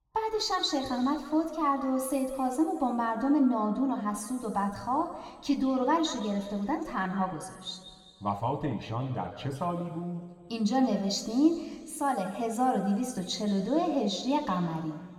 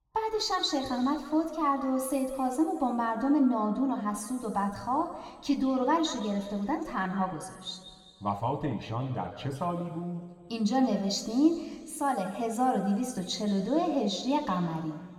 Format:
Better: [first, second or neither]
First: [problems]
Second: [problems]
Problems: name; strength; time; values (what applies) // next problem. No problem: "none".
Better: neither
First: room echo; slight; dies away in 1.9 s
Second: room echo; slight; dies away in 1.9 s